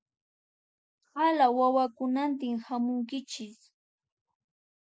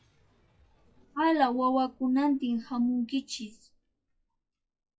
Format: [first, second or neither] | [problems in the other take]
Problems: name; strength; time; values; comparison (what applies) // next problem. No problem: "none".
first | noise reduction (classical method WPE with log-MMSE)